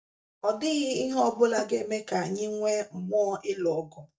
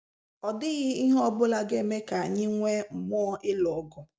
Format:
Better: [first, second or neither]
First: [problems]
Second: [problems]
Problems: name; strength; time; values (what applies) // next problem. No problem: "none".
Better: second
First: noise reduction (neural mask model DeepFilterNet 3)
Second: none